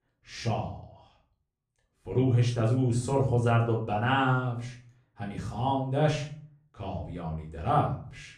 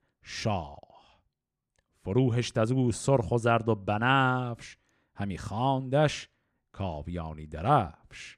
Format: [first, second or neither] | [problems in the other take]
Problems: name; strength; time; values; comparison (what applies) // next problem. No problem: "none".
second | room echo; slight; dies away in 0.4 s // off-mic speech; far